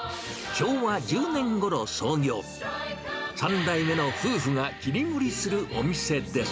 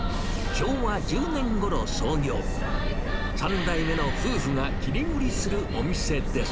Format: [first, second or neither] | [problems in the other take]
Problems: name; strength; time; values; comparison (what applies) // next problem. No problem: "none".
first | background sound (Subway, metro, underground); 1 dB above the speech